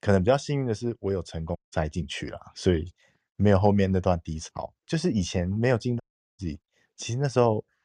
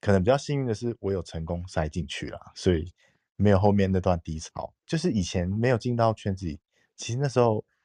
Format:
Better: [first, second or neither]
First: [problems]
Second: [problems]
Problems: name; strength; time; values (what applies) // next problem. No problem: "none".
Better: second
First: audio cutting out; at 1.5 s and at 6 s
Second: none